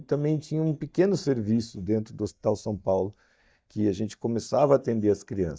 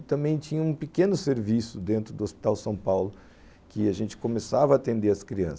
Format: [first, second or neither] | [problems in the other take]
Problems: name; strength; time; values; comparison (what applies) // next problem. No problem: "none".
second | noise reduction (neural mask model DeepFilterNet 3)